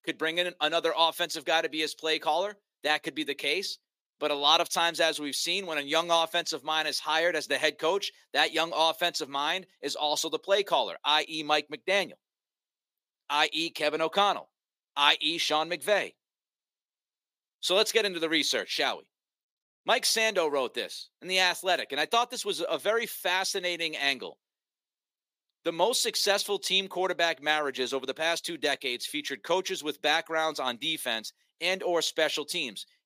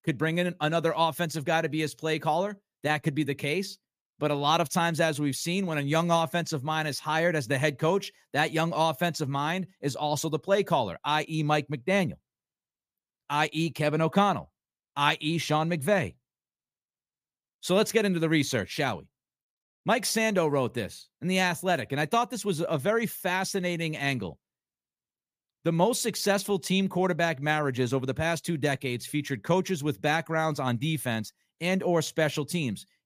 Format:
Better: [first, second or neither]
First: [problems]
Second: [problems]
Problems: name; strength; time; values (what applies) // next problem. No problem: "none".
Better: second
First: thin; somewhat; fading below 350 Hz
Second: none